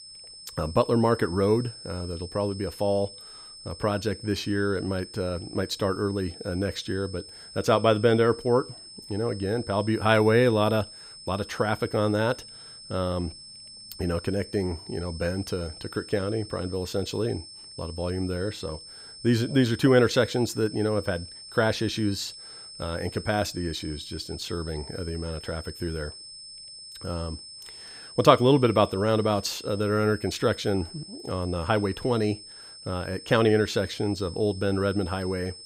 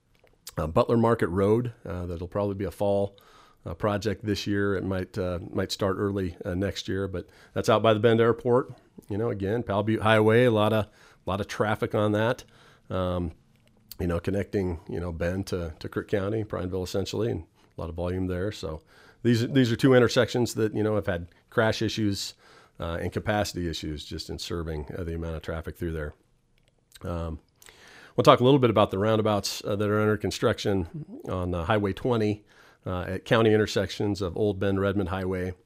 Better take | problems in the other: second | high-pitched whine; noticeable; throughout; 5 kHz, 15 dB below the speech

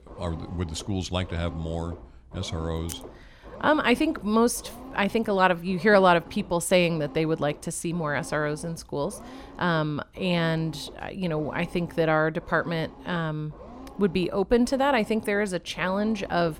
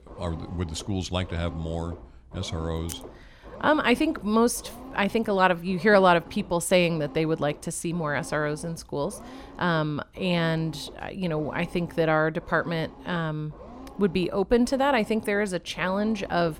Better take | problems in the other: neither | low rumble; faint; throughout; 20 dB below the speech; the same in both

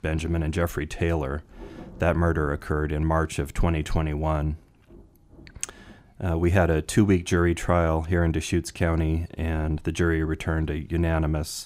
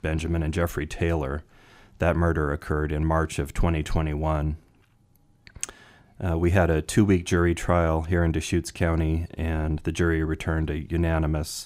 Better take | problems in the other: second | rain or running water; faint; throughout; 25 dB below the speech

